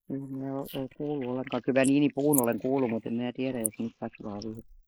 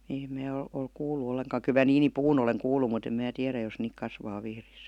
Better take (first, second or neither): second